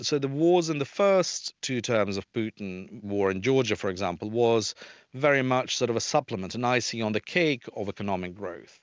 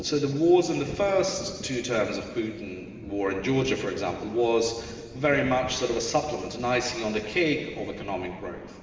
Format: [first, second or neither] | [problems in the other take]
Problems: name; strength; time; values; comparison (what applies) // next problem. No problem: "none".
first | background sound (Thunder); 16 dB below the speech // room echo; dies away in 2.4 s